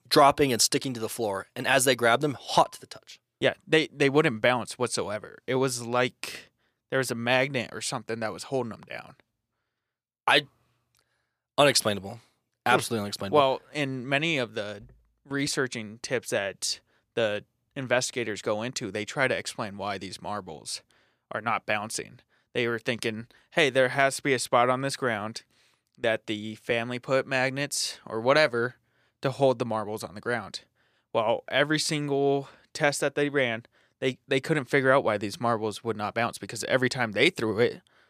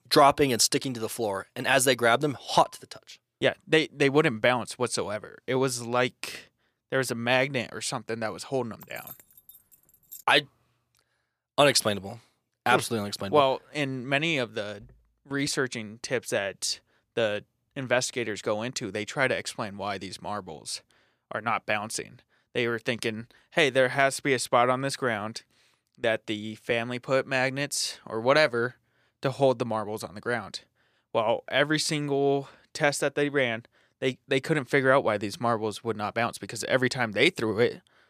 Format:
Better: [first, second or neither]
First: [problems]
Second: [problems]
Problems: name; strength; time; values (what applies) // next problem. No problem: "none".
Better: first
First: none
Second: jangling keys; faint; from 9 to 10 s; peak 15 dB below the speech